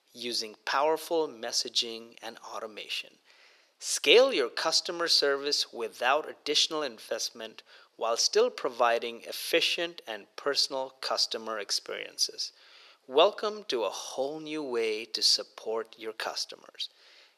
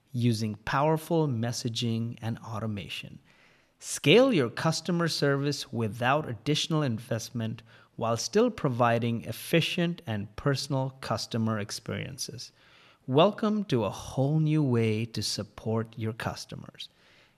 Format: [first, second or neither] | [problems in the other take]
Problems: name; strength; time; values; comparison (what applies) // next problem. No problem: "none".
second | thin; very; fading below 400 Hz